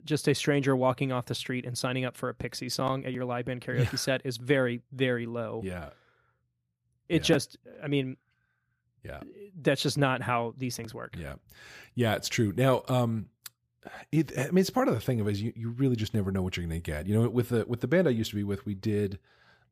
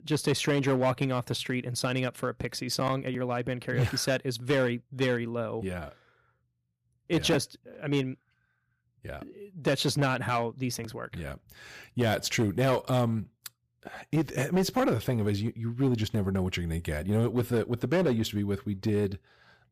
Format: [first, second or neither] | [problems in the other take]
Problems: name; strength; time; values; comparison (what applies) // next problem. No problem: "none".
first | distortion; slight; 5% of the sound clipped